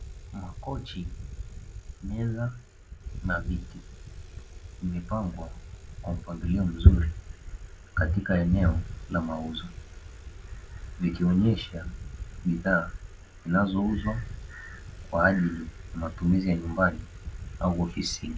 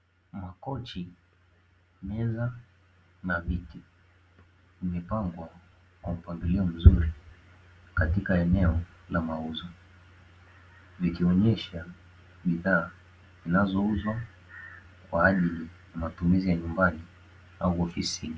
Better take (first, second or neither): second